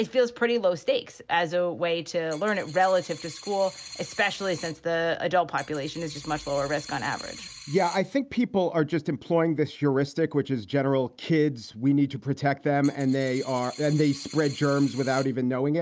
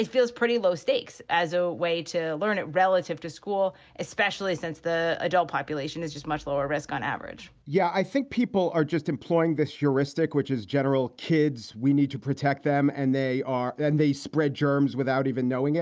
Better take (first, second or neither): second